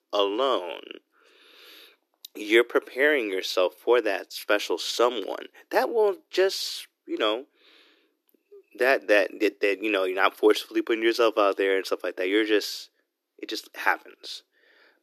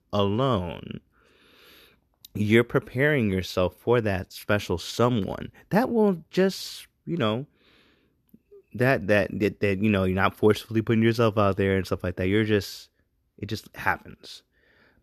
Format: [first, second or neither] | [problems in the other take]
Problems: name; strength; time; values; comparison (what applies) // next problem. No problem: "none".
second | thin; very; fading below 300 Hz